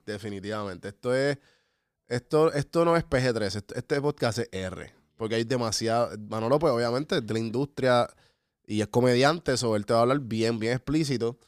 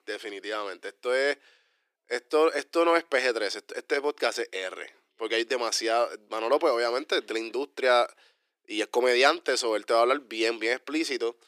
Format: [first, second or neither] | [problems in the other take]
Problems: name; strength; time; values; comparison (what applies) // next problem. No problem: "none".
first | thin; very; fading below 350 Hz